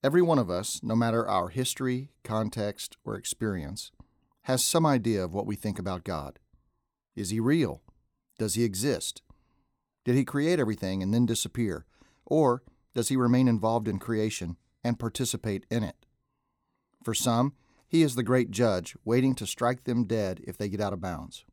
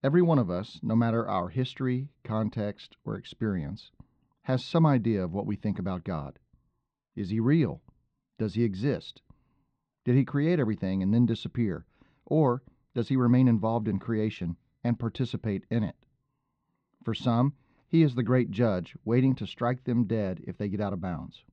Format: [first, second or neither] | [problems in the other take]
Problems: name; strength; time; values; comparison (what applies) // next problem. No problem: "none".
first | muffled; slightly; fading above 3.5 kHz